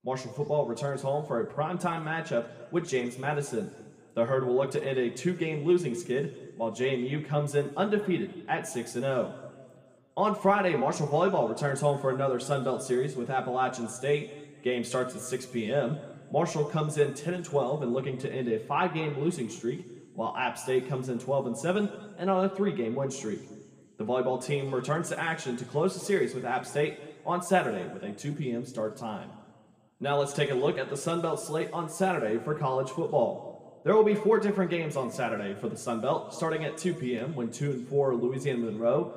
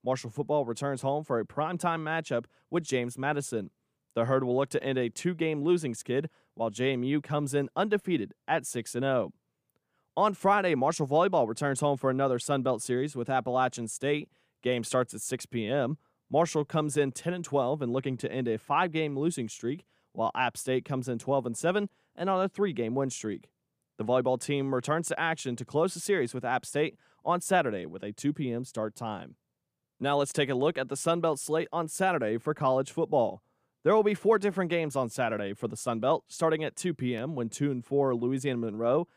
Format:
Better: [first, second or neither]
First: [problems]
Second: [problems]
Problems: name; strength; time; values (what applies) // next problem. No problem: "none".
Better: second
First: room echo; slight; dies away in 1.3 s // off-mic speech; somewhat distant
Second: none